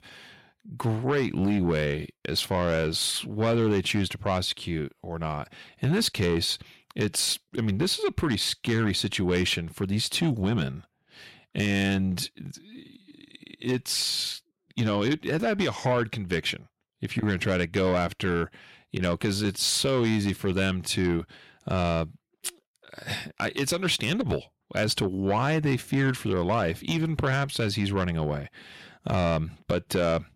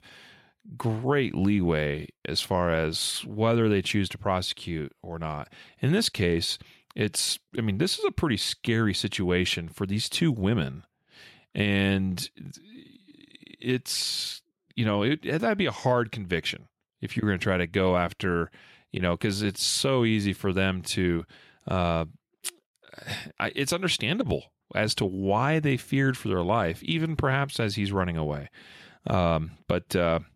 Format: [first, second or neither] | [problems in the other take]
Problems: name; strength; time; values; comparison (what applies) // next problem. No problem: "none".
second | distortion; slight; 10 dB below the speech